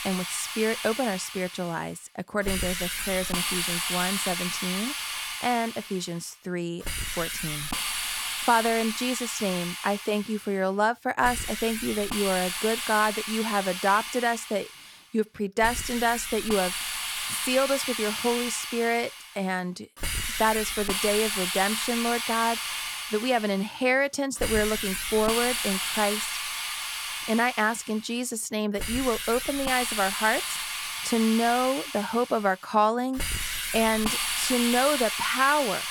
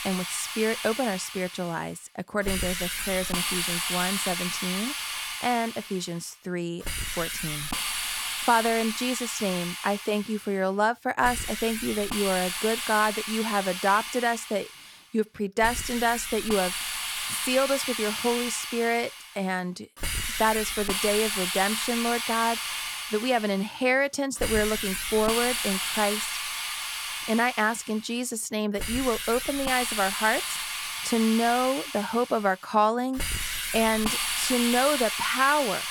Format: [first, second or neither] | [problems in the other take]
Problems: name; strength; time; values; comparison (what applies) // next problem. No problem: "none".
neither | hiss; loud; throughout; 2 dB below the speech; the same in both